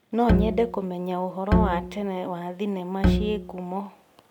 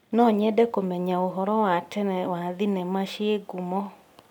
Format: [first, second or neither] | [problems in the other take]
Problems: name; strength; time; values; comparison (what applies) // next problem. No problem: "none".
second | background sound (Bowed string instrument); 2 dB above the speech